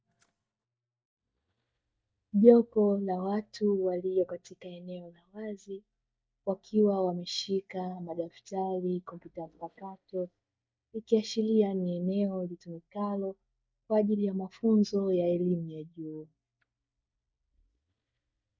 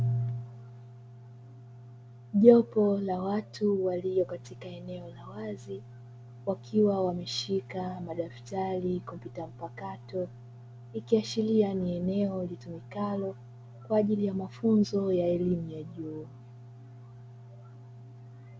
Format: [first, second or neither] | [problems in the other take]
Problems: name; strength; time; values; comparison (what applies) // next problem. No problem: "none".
second | noise reduction (neural mask model DeepFilterNet 3)